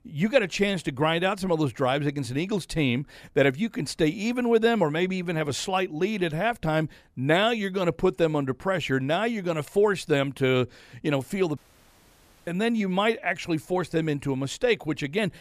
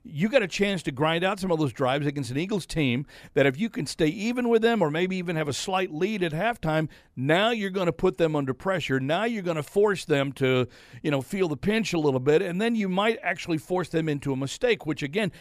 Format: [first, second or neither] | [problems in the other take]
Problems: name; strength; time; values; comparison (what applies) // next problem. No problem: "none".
second | audio cutting out; at 12 s for 1 s